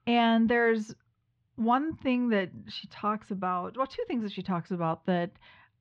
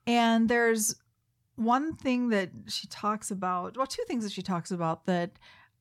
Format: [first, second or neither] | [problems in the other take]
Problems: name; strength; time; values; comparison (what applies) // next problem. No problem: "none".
second | muffled; slightly; fading above 3.5 kHz